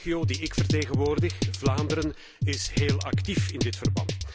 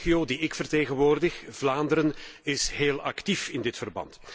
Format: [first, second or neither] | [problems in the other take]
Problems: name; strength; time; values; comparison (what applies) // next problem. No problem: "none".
second | background sound (Drum kit); 5 dB above the speech